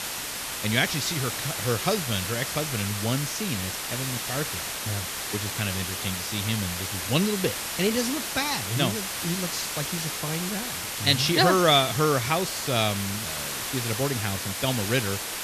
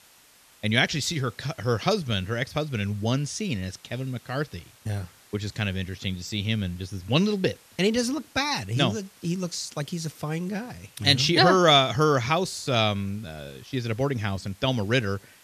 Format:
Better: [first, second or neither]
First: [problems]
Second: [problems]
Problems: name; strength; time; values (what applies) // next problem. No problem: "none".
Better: second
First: hiss; loud; throughout; 3 dB below the speech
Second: hiss; faint; throughout; 25 dB below the speech